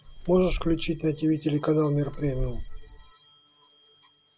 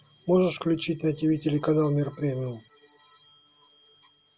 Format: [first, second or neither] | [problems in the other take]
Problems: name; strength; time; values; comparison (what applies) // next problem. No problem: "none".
second | background sound (Bird); 6 dB below the speech